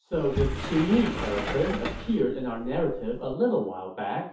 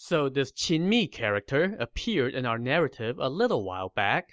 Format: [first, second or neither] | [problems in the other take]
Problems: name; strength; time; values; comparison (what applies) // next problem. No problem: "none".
second | background sound (Sliding door); 6 dB below the speech // room echo; dies away in 0.5 s